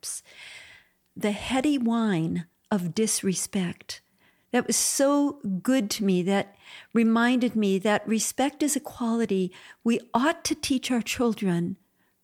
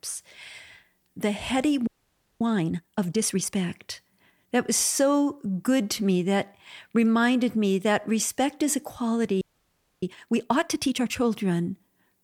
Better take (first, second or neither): first